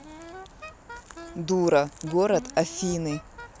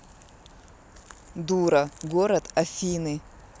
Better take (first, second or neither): second